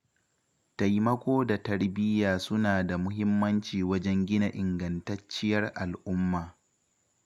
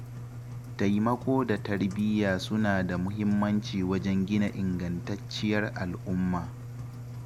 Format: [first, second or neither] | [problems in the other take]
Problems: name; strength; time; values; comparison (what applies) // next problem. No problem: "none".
first | background sound (Engine); 10 dB below the speech